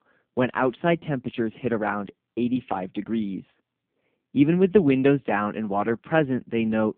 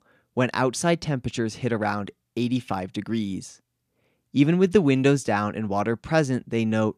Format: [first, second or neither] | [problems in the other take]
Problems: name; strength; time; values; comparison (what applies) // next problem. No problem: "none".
second | phone-call audio; poor line